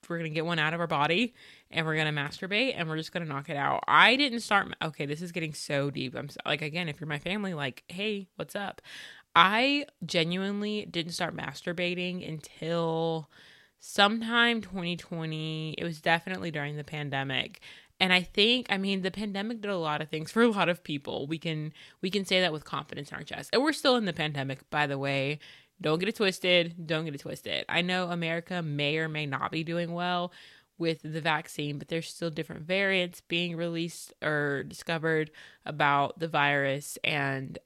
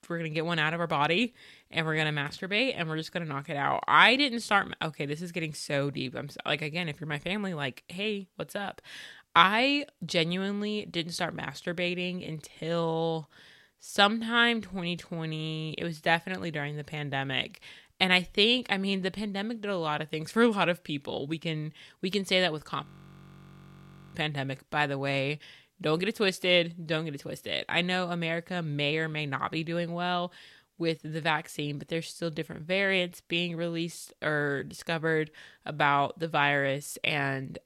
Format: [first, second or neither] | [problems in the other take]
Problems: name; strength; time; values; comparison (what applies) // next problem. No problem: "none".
first | audio freezing; at 23 s for 1.5 s